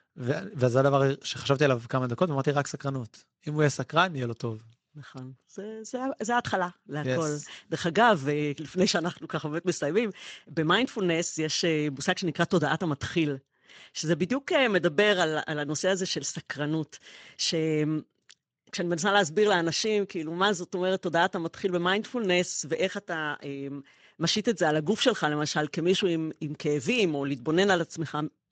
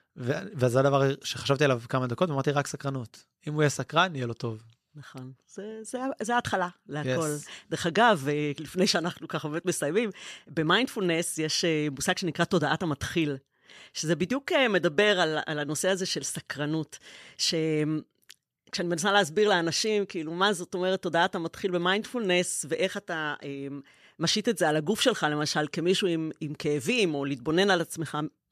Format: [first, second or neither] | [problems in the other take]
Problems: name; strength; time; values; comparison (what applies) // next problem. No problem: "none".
second | garbled, watery; slightly; nothing above 7.5 kHz